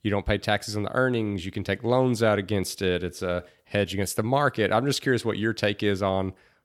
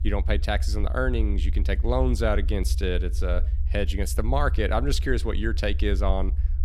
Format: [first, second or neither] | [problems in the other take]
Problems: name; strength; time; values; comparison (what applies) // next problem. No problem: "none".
first | low rumble; noticeable; throughout; 20 dB below the speech